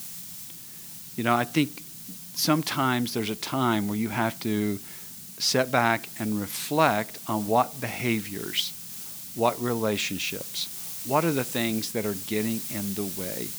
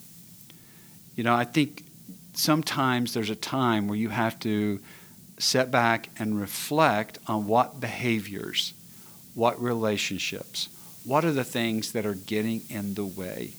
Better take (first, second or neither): second